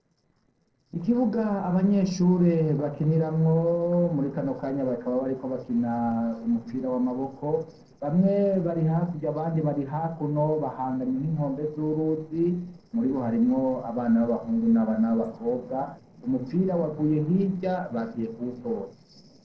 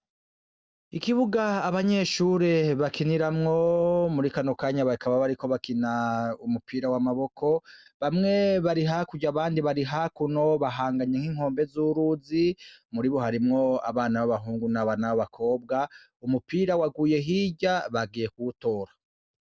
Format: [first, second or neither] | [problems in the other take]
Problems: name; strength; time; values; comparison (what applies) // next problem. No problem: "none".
second | noise reduction (neural separator model SepFormer DNS4)